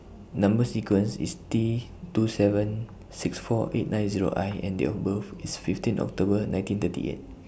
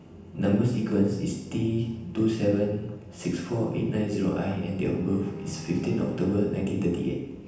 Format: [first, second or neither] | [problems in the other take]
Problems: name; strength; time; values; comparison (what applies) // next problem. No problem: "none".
first | background sound (Bowed string instrument); 18 dB below the speech // room echo; dies away in 0.9 s